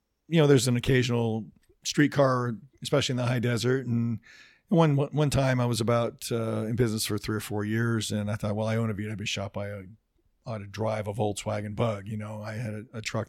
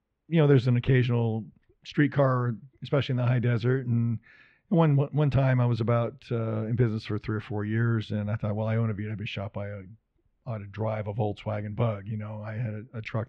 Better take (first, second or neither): first